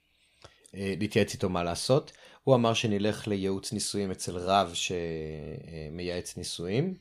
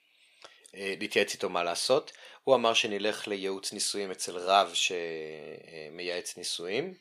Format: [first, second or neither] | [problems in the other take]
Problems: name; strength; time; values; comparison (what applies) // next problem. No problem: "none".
first | thin; somewhat; fading below 400 Hz